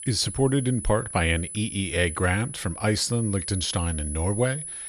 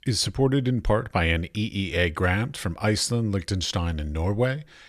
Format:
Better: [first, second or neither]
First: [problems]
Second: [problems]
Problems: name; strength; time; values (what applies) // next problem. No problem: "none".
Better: second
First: high-pitched whine; loud; throughout; 10 kHz, 8 dB below the speech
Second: none